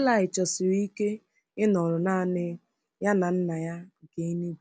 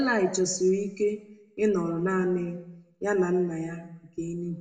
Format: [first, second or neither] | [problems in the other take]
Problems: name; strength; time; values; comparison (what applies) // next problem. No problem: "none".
first | room echo; dies away in 0.7 s